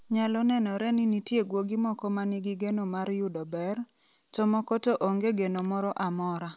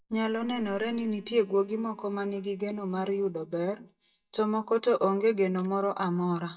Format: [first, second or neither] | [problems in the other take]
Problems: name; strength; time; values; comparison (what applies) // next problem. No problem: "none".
first | noise reduction (neural mask model DeepFilterNet 3)